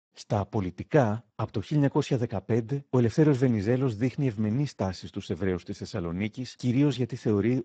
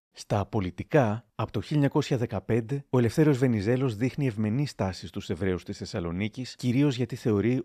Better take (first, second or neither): second